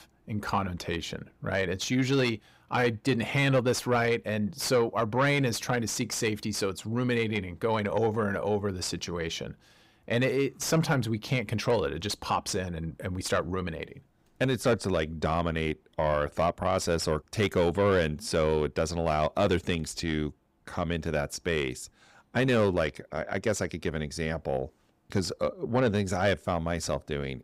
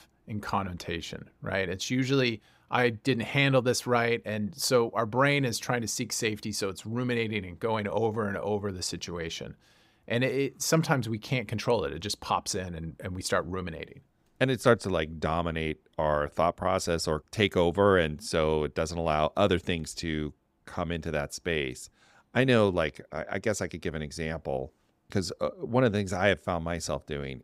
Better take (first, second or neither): second